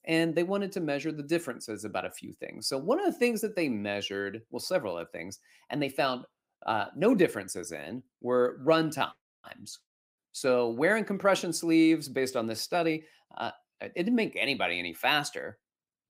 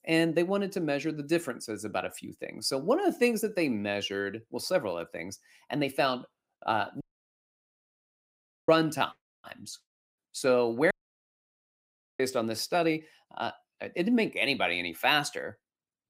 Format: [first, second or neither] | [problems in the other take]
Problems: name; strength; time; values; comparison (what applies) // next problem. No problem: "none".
first | audio cutting out; at 7 s for 1.5 s and at 11 s for 1.5 s